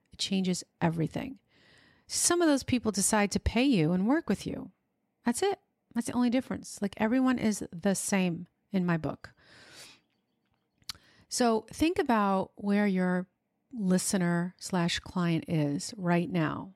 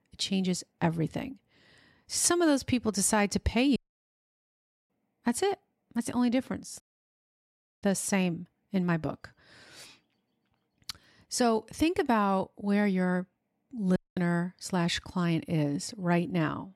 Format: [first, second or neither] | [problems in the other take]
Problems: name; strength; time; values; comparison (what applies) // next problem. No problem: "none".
first | audio cutting out; at 4 s for 1 s, at 7 s for 1 s and at 14 s